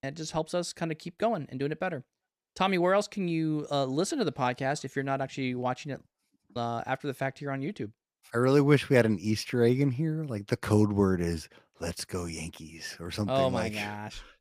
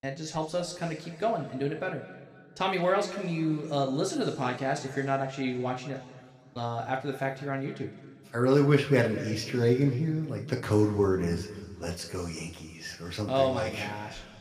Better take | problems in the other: first | room echo; slight; dies away in 1.8 s

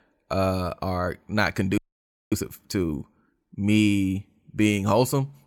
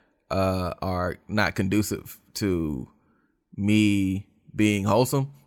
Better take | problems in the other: second | audio freezing; at 2 s for 0.5 s

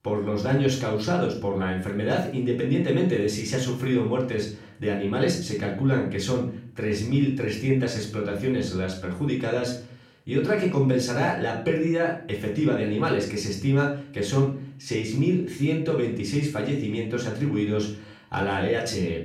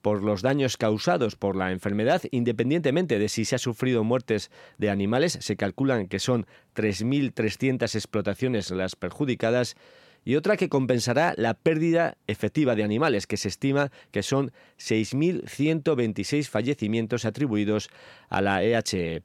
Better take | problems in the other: second | off-mic speech; far // room echo; slight; dies away in 0.4 s

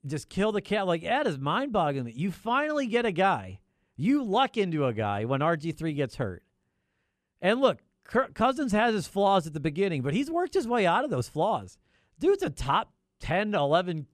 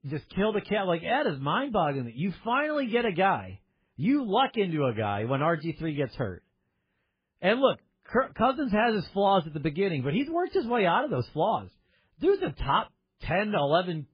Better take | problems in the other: first | garbled, watery; badly; nothing above 4 kHz

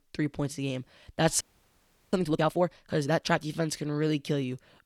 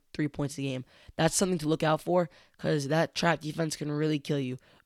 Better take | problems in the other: second | audio freezing; at 1.5 s for 0.5 s

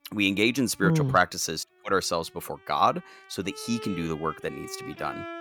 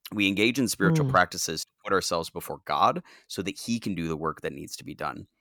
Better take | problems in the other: second | background music; noticeable; throughout; 15 dB below the speech

